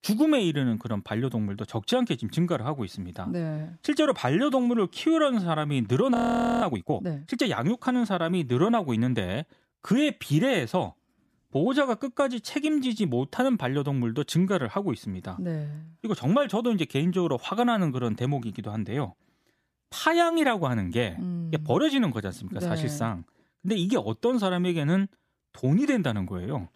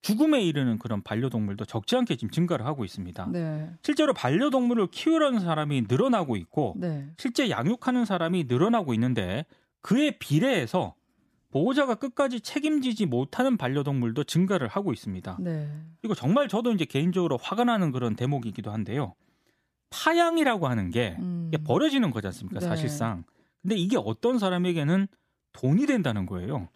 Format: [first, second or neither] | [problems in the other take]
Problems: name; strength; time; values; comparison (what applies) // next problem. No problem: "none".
second | audio freezing; at 6 s